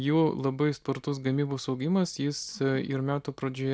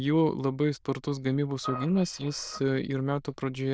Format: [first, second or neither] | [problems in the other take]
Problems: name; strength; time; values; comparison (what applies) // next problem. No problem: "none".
first | noise reduction (neural diffusion model UNIVERSE++)